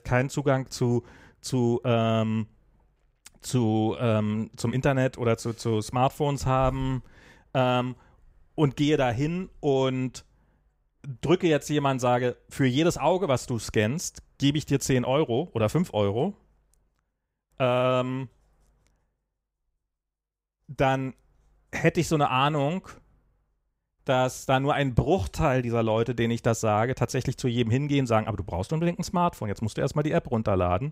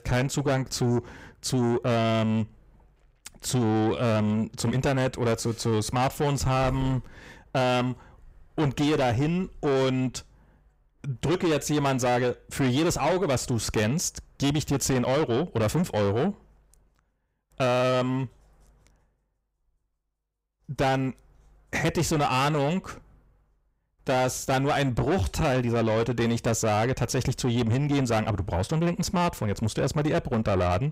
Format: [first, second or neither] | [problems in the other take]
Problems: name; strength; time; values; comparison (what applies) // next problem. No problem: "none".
first | distortion; heavy; 7 dB below the speech